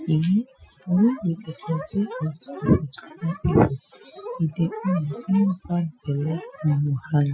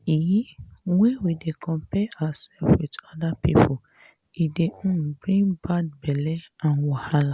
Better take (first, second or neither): second